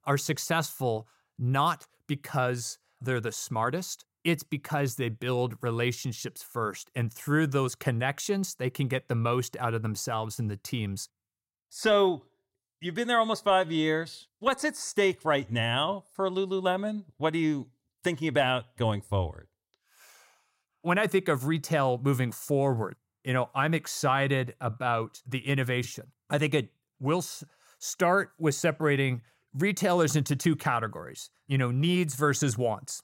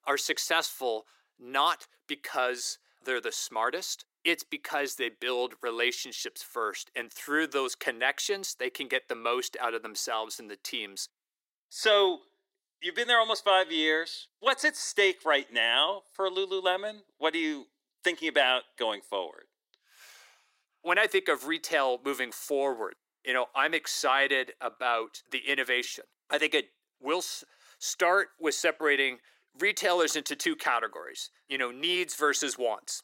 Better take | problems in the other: first | thin; very; fading below 300 Hz

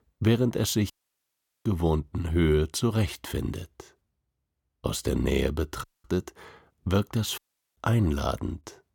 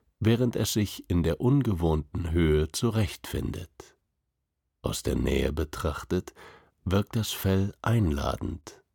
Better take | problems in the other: second | audio cutting out; at 1 s for 0.5 s, at 6 s and at 7.5 s

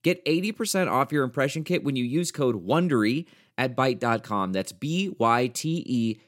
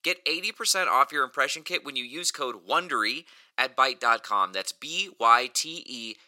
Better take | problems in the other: first | thin; very; fading below 700 Hz

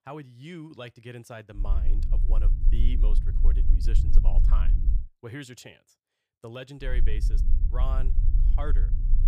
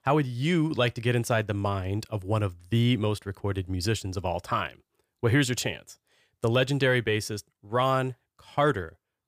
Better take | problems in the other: second | low rumble; loud; from 1.5 to 5 s and from 7 s on; 6 dB below the speech

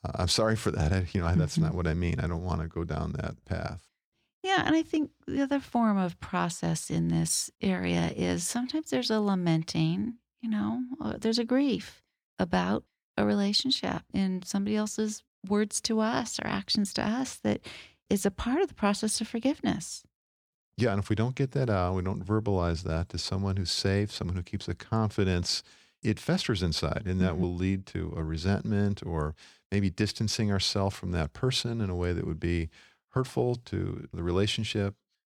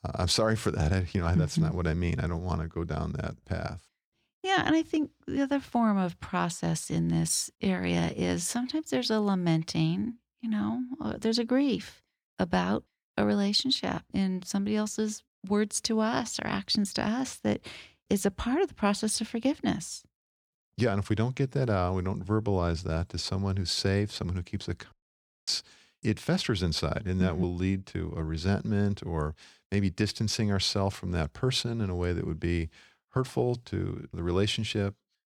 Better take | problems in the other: first | audio cutting out; at 25 s for 0.5 s

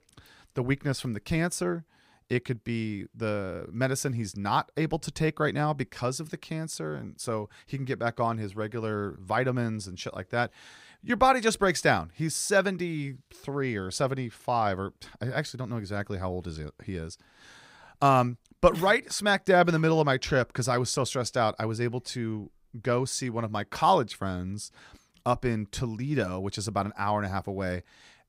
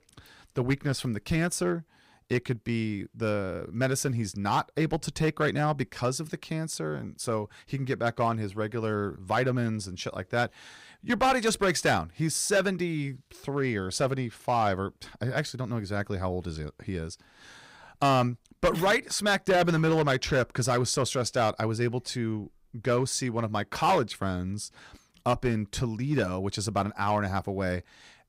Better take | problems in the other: first | distortion; slight; 3% of the sound clipped

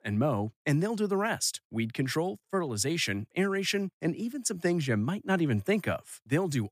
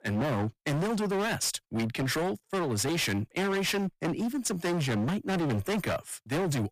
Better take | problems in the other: first | distortion; heavy; 35% of the sound clipped

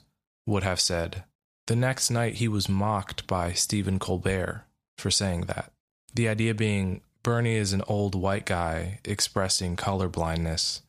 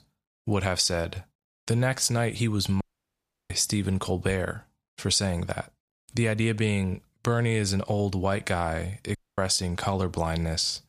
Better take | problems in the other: first | audio cutting out; at 3 s for 0.5 s and at 9 s

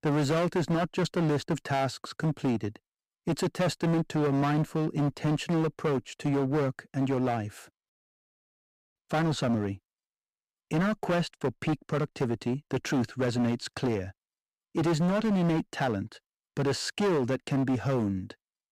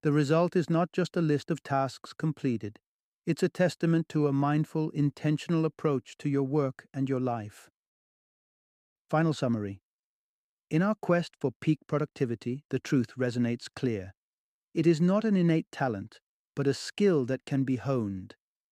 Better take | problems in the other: second | distortion; heavy; 16% of the sound clipped

